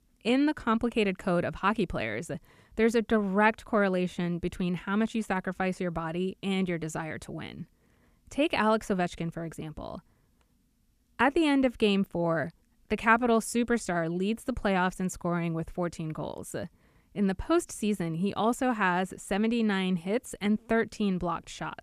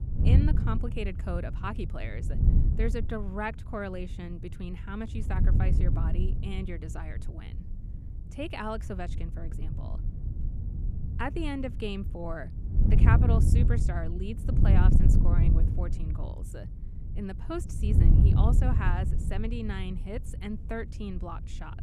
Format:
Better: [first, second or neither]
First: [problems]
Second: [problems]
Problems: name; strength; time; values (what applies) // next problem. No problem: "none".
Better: first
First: none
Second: wind noise on the microphone; heavy; 3 dB below the speech